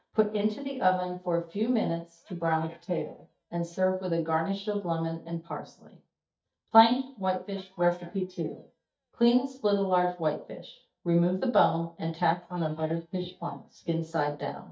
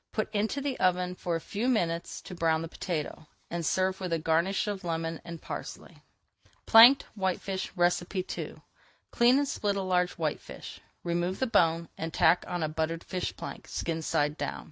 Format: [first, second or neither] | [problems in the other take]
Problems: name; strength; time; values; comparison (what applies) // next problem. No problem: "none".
second | noise reduction (neural mask model DeepFilterNet 3)